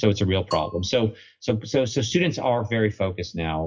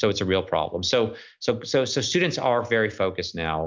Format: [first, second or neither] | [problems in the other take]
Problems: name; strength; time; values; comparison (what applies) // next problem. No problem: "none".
second | noise reduction (classical method WPE with log-MMSE)